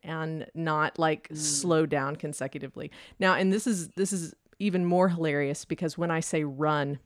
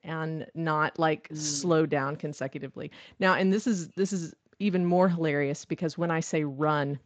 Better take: first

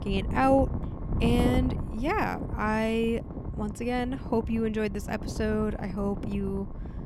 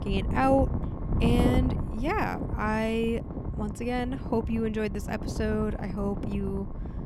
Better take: first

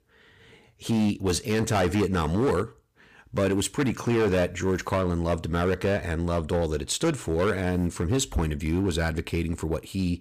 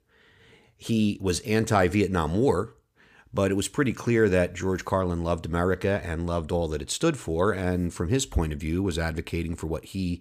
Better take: second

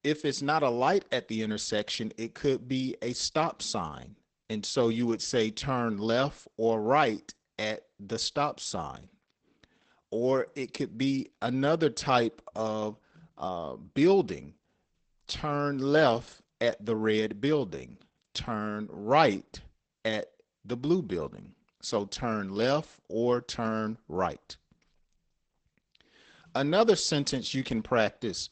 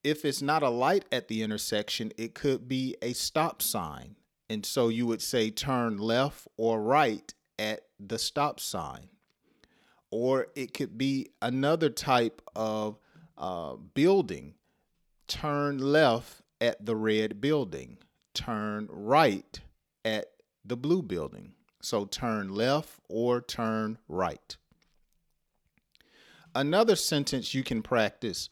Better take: second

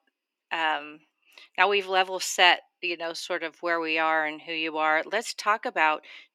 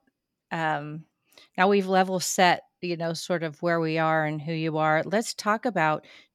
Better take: second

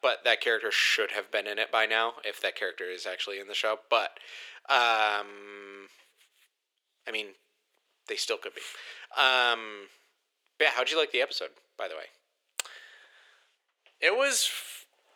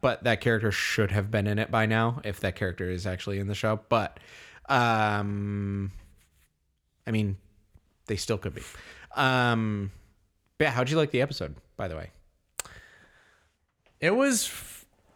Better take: second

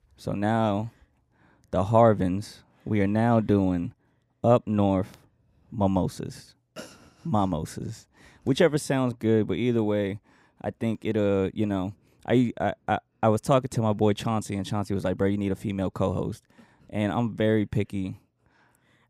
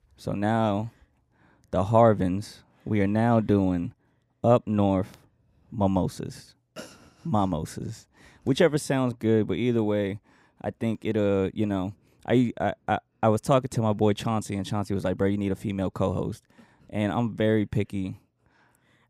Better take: neither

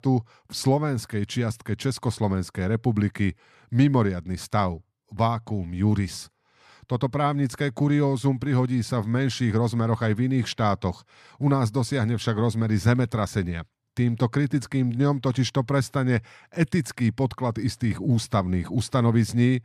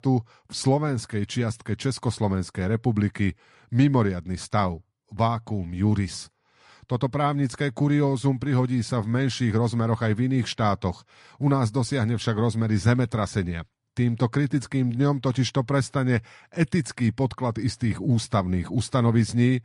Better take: first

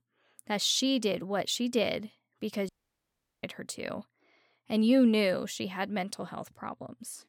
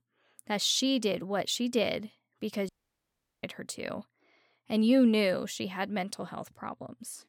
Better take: neither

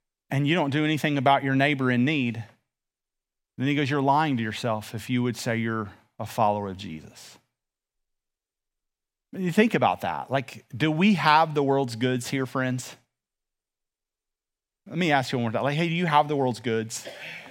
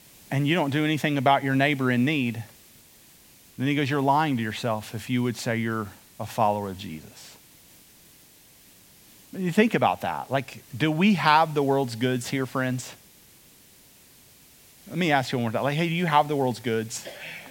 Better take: first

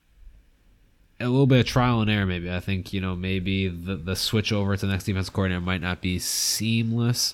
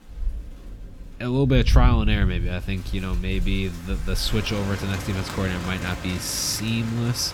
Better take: first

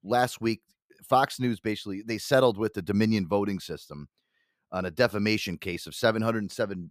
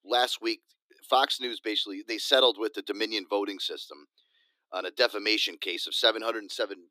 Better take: first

